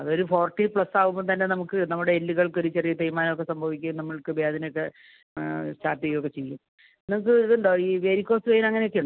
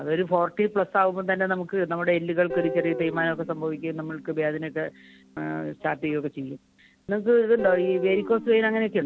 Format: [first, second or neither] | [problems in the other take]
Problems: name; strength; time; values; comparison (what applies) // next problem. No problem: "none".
first | background sound (Guitar); 13 dB below the speech